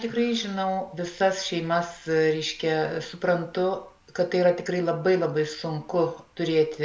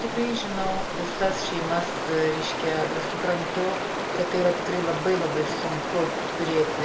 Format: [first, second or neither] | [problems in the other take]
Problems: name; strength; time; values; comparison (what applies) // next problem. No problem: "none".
first | background sound (Stream); 1 dB below the speech